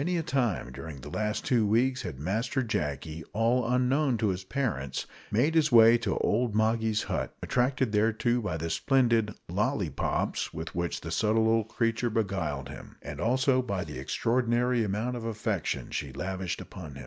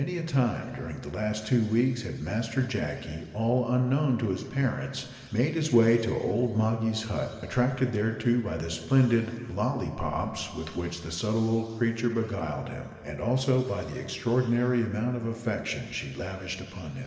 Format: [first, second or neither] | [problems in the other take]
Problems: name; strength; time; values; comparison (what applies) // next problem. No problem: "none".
first | room echo; dies away in 2.1 s